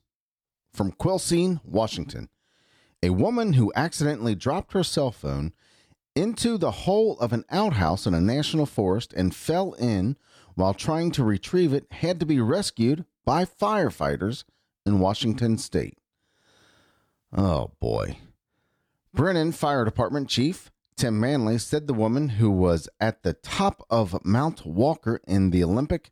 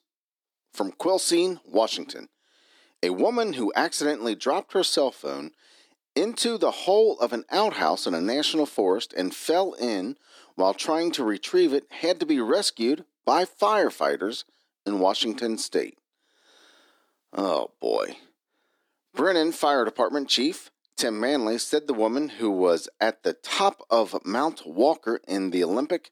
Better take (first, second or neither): first